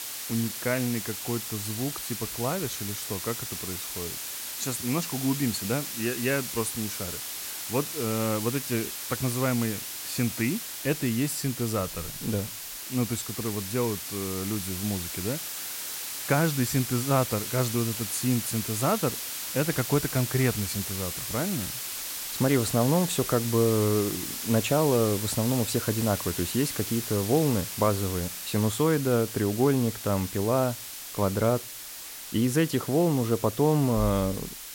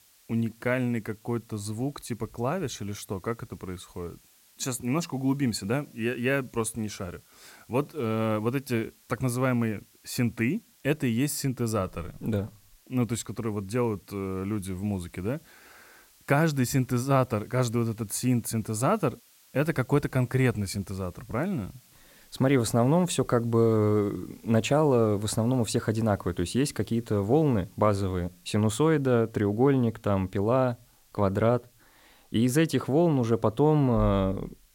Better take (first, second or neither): second